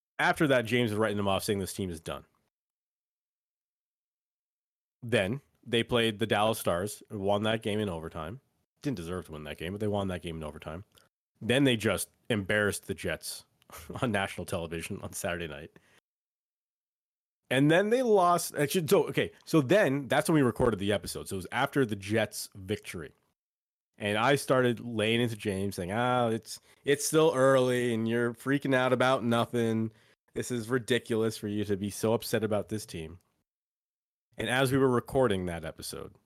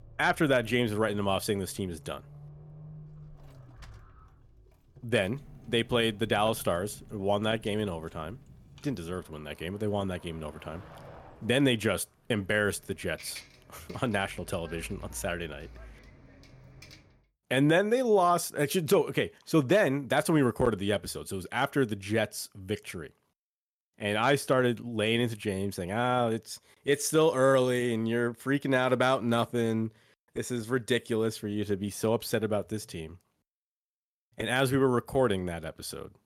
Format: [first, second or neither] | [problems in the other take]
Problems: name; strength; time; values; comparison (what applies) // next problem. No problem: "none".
first | traffic noise; faint; until 17 s; 25 dB below the speech